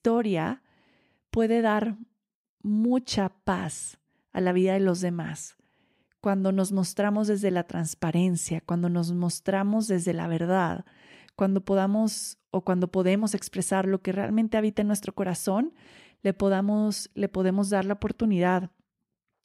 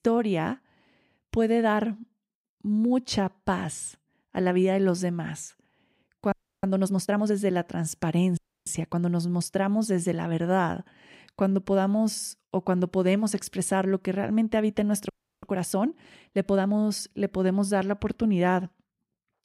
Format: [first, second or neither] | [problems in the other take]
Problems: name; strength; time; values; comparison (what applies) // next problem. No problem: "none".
first | audio freezing; at 6.5 s, at 8.5 s and at 15 s